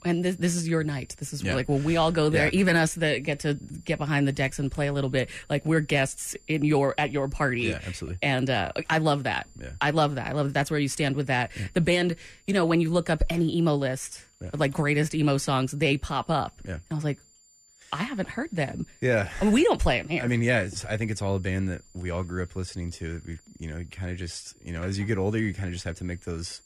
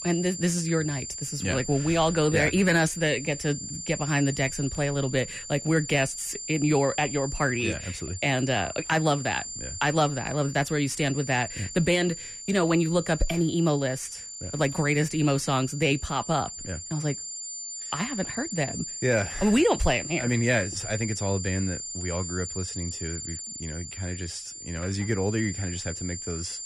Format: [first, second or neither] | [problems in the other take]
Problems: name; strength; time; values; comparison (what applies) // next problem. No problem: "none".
first | high-pitched whine; loud; throughout; 7 kHz, 8 dB below the speech; faint in the first